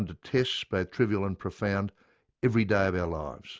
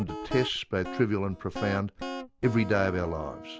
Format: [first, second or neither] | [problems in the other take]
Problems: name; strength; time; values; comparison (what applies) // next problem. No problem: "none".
first | background sound (Guitar); 10 dB below the speech